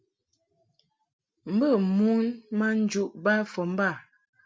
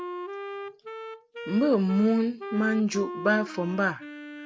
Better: first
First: none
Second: background sound (Wind instrument, woodwind instrument); 11 dB below the speech

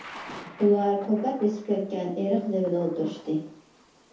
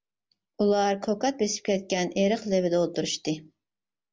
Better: second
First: background sound (Thunder / Rain); 19 dB below the speech // room echo; dies away in 0.5 s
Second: none

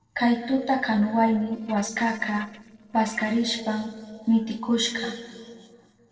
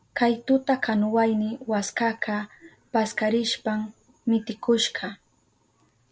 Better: second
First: noise reduction (neural separator model SepFormer DNS4)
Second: none

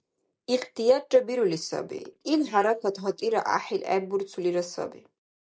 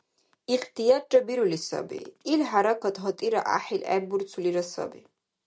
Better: second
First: noise reduction (neural mask model Resemble Enhance denoiser)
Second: none

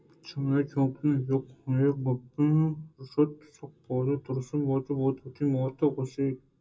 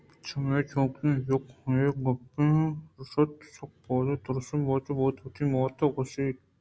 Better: second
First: room echo; dies away in 0.2 s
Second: none

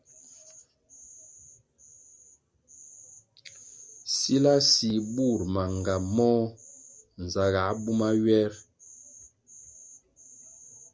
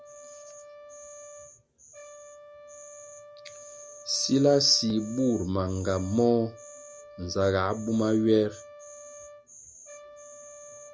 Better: first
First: none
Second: background sound (Brass instrument); 19 dB below the speech

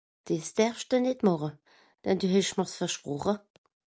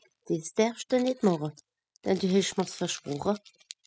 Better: first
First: none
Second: noise reduction (classical method spectral subtraction)

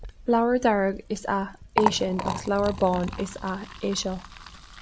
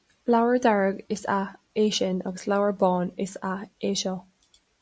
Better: second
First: background sound (Liquid); 8 dB below the speech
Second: none

